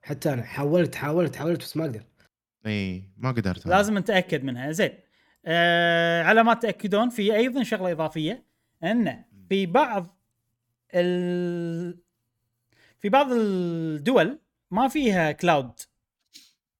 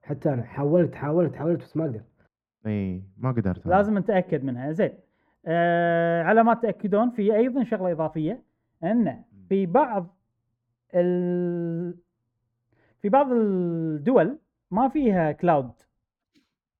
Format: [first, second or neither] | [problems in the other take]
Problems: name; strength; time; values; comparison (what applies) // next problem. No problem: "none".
first | muffled; very; fading above 2.5 kHz